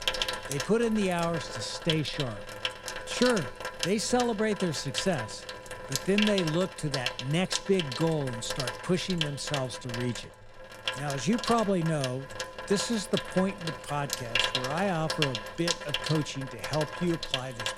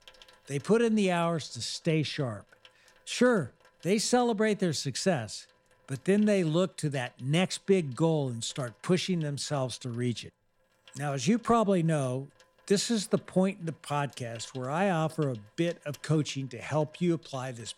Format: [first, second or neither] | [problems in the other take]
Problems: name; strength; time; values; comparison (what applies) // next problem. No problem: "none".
second | household noises; loud; throughout; 4 dB below the speech; faint in the second